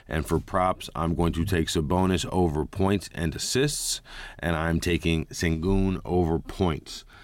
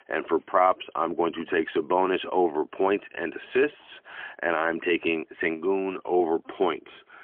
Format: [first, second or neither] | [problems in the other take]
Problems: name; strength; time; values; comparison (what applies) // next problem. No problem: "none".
first | phone-call audio; poor line